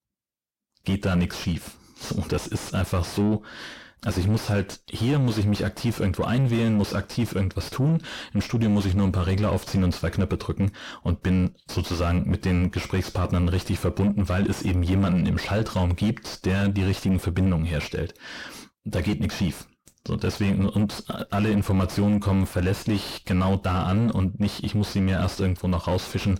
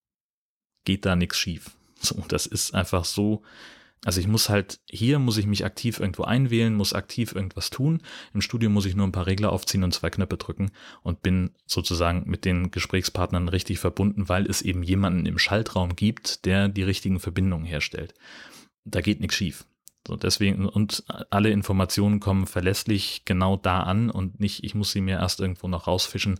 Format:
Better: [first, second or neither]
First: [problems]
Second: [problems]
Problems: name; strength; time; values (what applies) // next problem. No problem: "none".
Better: second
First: distortion; heavy; 6 dB below the speech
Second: none